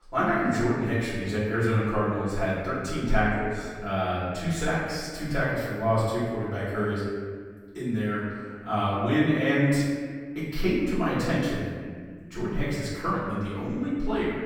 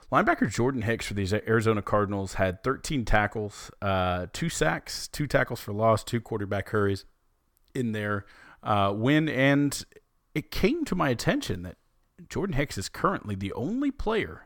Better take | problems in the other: second | off-mic speech; far // room echo; strong; dies away in 1.7 s

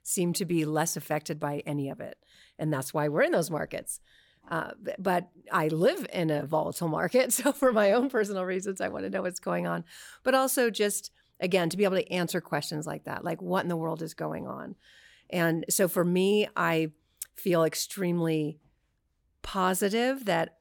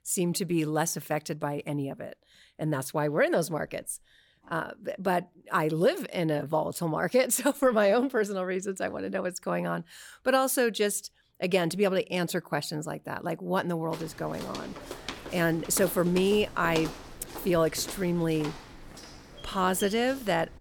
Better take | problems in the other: first | footsteps; noticeable; from 14 s on; peak 8 dB below the speech

